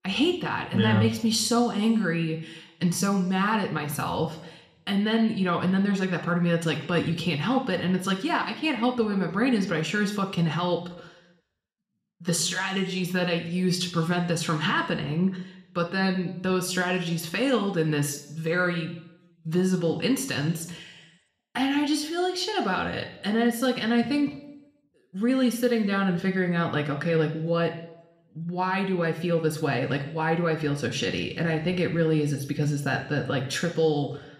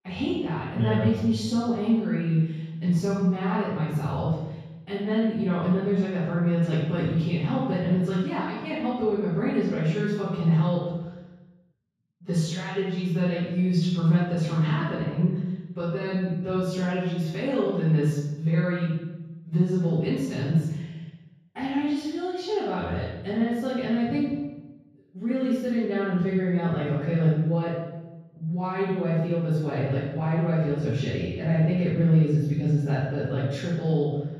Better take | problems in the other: first | room echo; strong; dies away in 1.4 s; slight in the first // off-mic speech; far

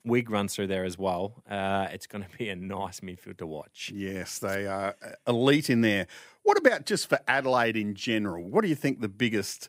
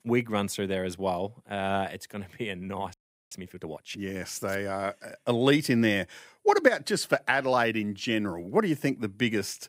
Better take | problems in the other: first | audio freezing; at 3 s

